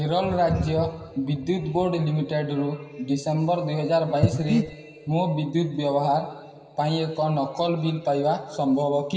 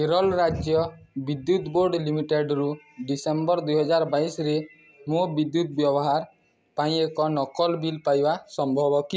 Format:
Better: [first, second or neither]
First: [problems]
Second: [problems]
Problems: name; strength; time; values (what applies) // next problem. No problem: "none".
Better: second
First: background sound (Breathing); 1 dB above the speech // room echo; dies away in 2 s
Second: none